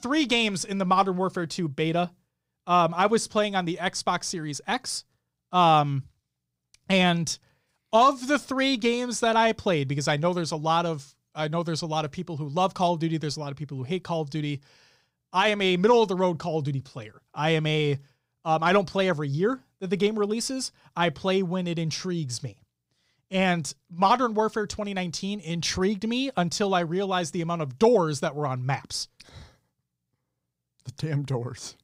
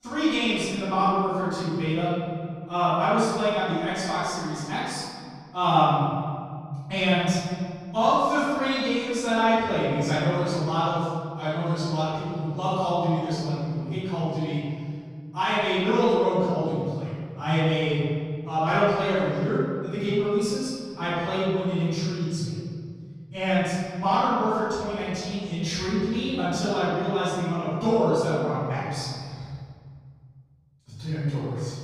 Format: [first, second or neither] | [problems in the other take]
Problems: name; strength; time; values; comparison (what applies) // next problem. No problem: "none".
first | room echo; strong; dies away in 2.2 s // off-mic speech; far